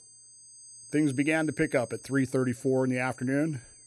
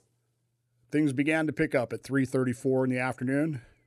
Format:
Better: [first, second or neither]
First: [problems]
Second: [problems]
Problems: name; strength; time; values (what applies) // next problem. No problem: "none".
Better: second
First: high-pitched whine; noticeable; throughout; 8 kHz, 20 dB below the speech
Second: none